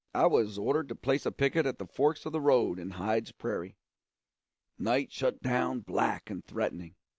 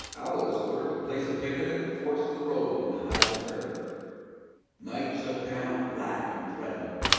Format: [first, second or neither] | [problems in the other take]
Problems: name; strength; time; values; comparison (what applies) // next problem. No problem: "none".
first | background sound (Mechanisms / Bicycle); 5 dB below the speech // room echo; dies away in 2.1 s